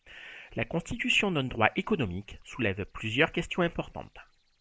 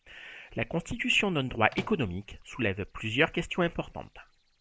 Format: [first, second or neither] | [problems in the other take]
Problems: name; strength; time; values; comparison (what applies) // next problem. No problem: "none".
first | background sound (Microwave oven); 14 dB below the speech